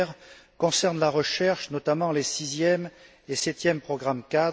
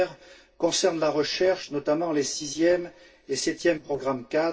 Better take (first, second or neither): first